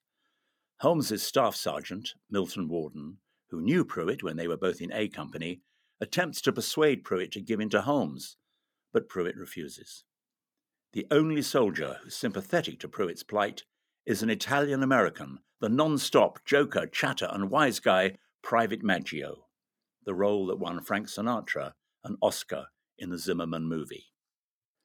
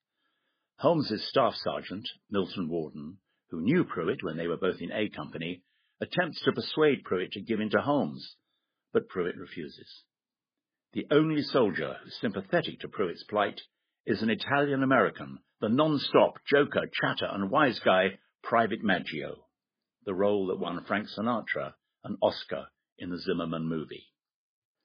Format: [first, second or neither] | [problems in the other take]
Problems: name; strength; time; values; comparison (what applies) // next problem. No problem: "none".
first | garbled, watery; badly; nothing above 5 kHz